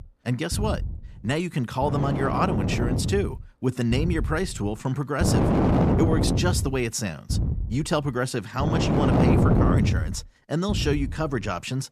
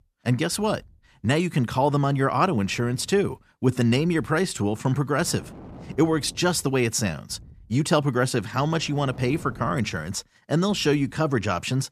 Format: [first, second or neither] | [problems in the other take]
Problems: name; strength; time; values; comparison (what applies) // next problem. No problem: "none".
second | wind noise on the microphone; heavy; as loud as the speech; occasional gusts in the second